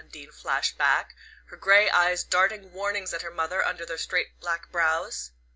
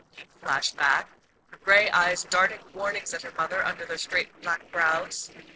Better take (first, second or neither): first